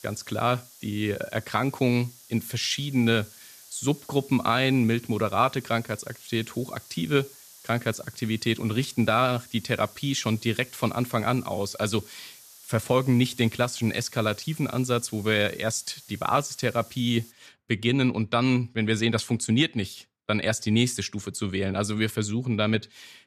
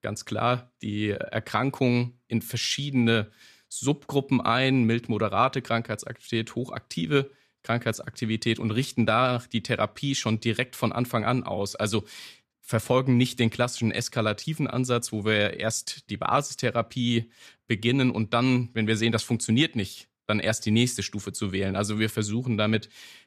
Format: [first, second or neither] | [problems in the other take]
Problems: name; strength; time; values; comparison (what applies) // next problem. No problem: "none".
second | hiss; faint; until 17 s; 20 dB below the speech